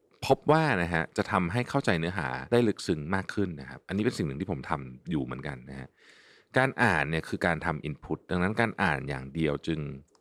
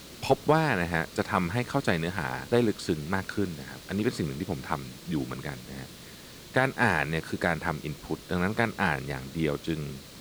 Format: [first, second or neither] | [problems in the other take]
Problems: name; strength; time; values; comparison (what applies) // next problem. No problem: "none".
first | hiss; noticeable; throughout; 15 dB below the speech